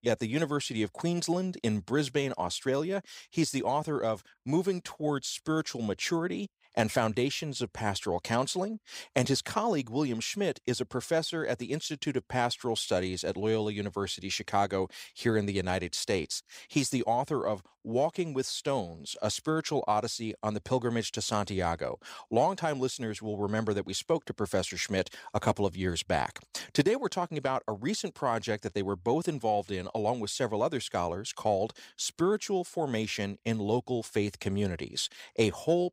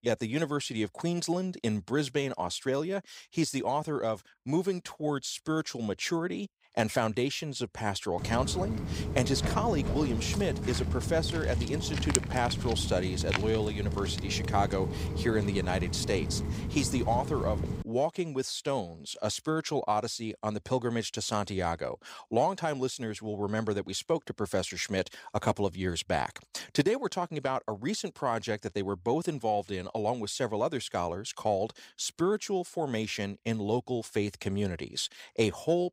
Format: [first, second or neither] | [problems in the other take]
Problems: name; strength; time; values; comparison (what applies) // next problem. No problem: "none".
first | footsteps; loud; from 8 to 18 s; peak 2 dB above the speech